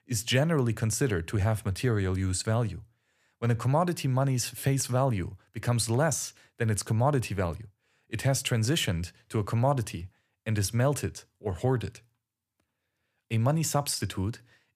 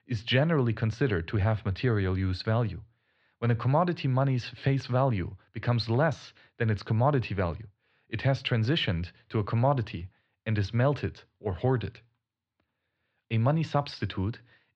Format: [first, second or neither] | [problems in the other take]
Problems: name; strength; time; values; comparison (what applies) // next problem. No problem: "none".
first | muffled; slightly; fading above 4 kHz